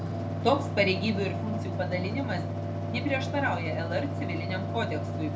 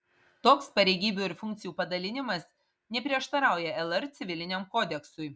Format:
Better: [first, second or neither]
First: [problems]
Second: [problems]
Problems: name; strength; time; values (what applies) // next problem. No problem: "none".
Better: second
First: background sound (Mechanical fan); 1 dB below the speech // room echo; dies away in 0.3 s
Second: none